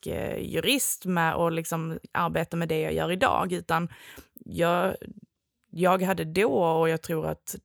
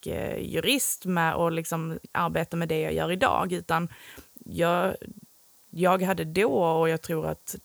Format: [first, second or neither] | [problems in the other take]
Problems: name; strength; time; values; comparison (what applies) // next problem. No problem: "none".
first | hiss; faint; throughout; 30 dB below the speech